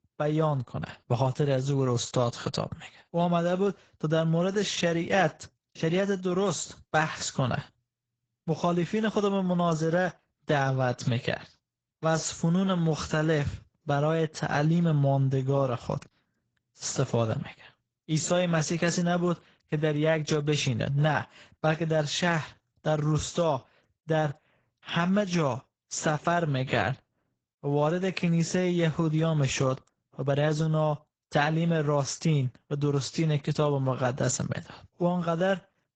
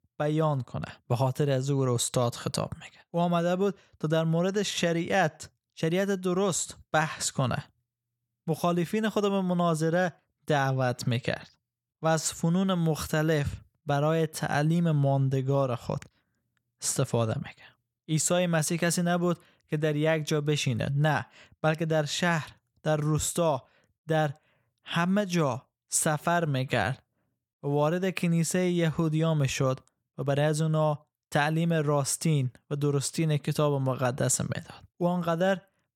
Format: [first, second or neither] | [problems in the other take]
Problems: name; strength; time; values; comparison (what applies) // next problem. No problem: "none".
second | garbled, watery; badly; nothing above 7.5 kHz